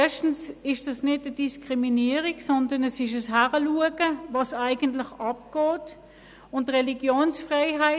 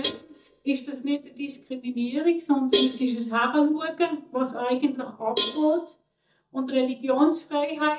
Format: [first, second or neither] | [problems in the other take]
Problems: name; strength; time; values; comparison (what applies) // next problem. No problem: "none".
first | noise reduction (neural mask model DeepFilterNet 3)